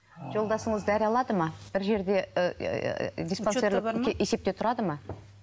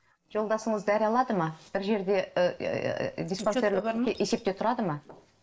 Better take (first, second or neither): first